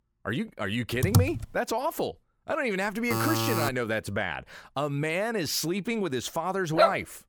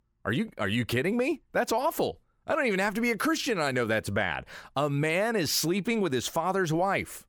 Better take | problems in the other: second | keyboard typing; loud; at 1 s; peak 5 dB above the speech // alarm; loud; at 3 s; peak 2 dB above the speech // dog barking; loud; at 7 s; peak 5 dB above the speech

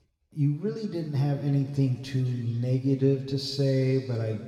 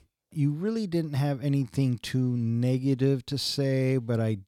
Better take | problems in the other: second | room echo; noticeable; dies away in 2.2 s // off-mic speech; somewhat distant

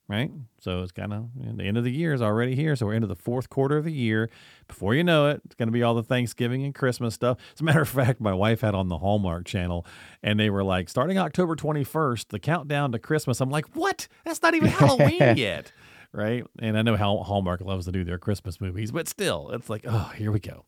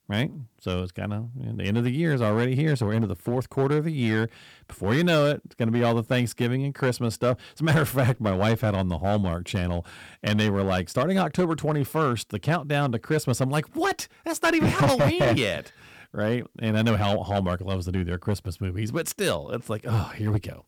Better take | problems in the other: first | distortion; slight; 5% of the sound clipped

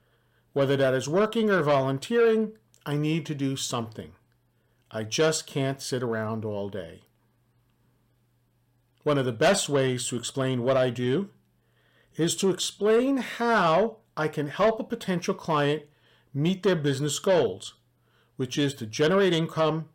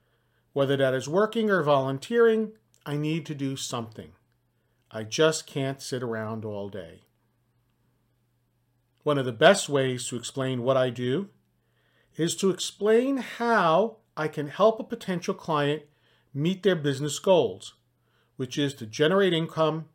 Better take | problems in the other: second | distortion; slight; 10 dB below the speech

